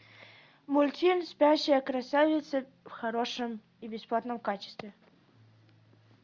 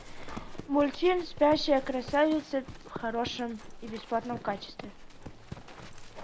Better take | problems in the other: first | background sound (Livestock, farm animals, working animals); 12 dB below the speech

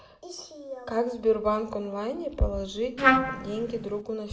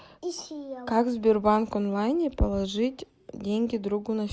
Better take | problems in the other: second | background sound (Trumpet); 4 dB above the speech // room echo; dies away in 1.2 s

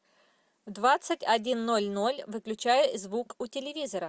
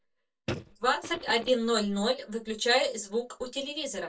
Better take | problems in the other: first | noise reduction (neural mask model DeepFilterNet 3)

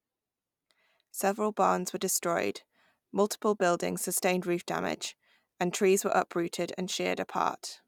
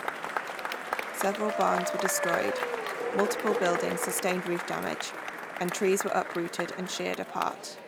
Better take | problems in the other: first | background sound (Applause / Crowd / Cheering); 2 dB below the speech

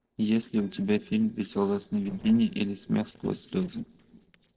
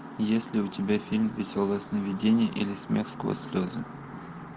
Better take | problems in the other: second | noise reduction (neural separator model SepFormer DNS4)

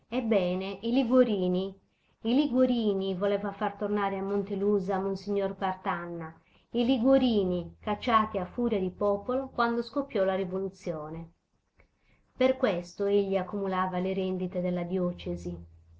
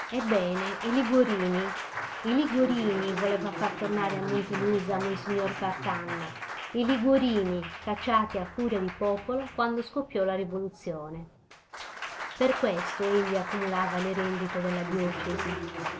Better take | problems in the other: first | background sound (Applause); 8 dB below the speech

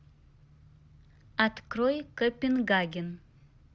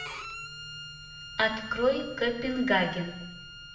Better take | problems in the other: first | background sound (Bowed string instrument); 12 dB below the speech // room echo; dies away in 0.7 s

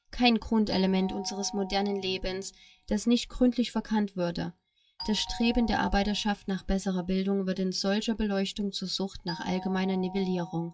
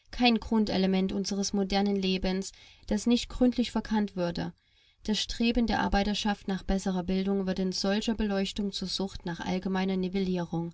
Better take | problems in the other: second | noise reduction (classical method log-MMSE)

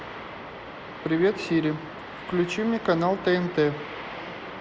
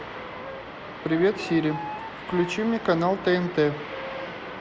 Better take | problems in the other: first | background sound (Wind instrument, woodwind instrument); 15 dB below the speech

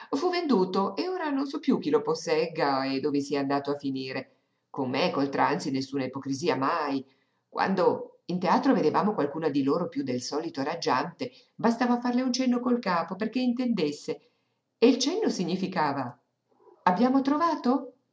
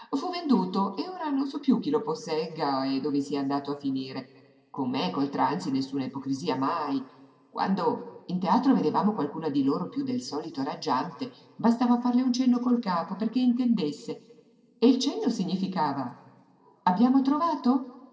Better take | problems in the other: first | room echo; dies away in 1.9 s

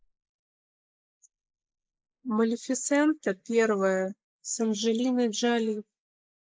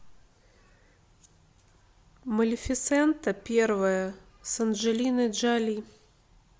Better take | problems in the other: second | noise reduction (neural mask model Resemble Enhance denoiser)

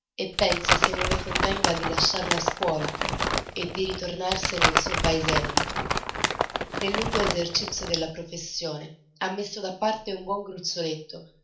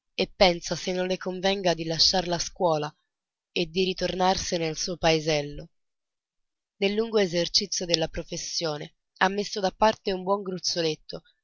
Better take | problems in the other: second | background sound (Crumpling, crinkling); 3 dB above the speech // room echo; dies away in 0.4 s

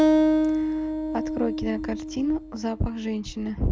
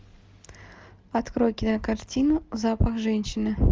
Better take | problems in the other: second | background sound (Acoustic guitar); 3 dB above the speech

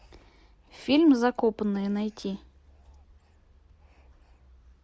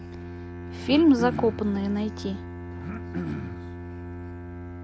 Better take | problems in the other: first | background sound (Bowed string instrument + Cough); 7 dB below the speech

